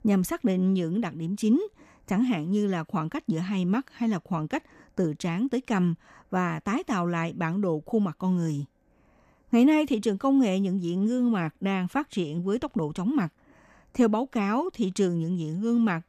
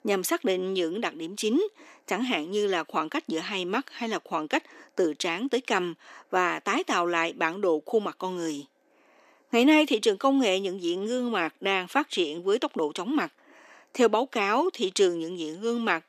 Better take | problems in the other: first | thin; somewhat; fading below 350 Hz

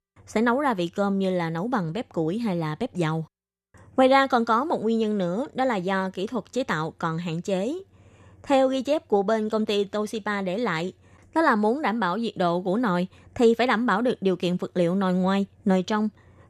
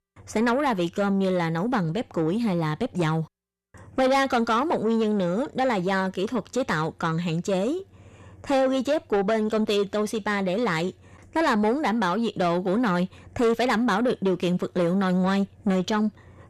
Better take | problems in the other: first | distortion; slight; 10 dB below the speech

